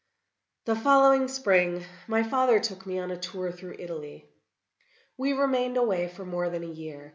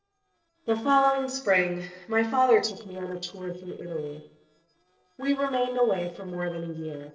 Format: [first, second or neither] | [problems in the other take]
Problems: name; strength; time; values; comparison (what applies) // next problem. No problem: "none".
first | noise reduction (neural separator model SepFormer DNS4)